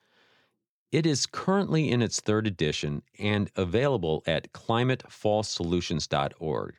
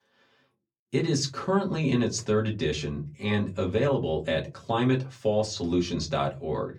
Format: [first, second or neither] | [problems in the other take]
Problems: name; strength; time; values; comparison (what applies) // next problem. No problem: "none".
first | off-mic speech; far // room echo; very slight; dies away in 0.2 s